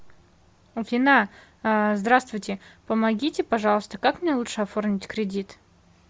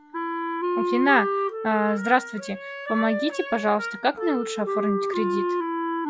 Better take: first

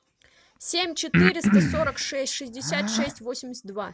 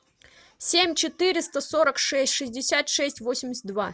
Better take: second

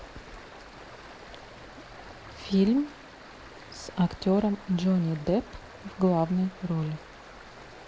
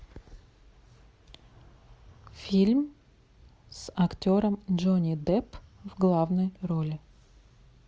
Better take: second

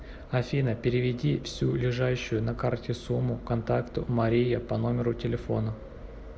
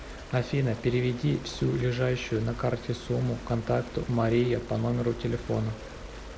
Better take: first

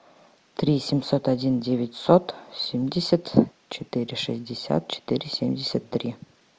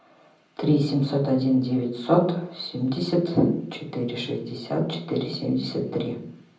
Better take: first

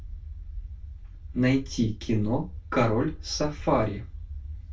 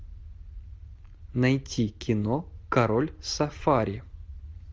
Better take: second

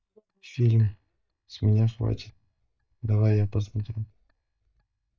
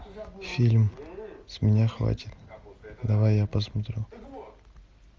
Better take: second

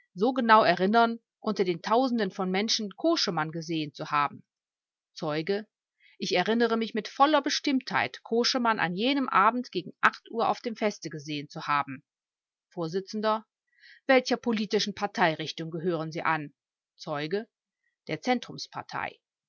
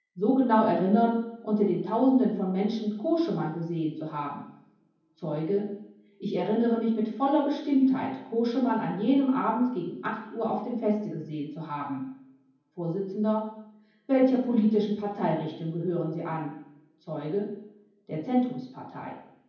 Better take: first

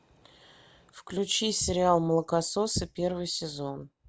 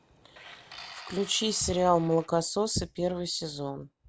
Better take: first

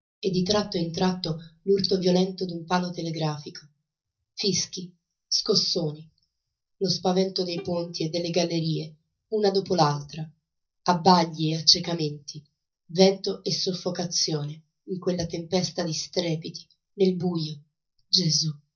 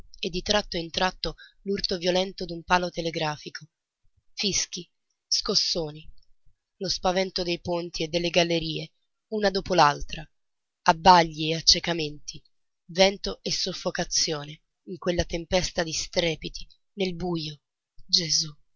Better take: second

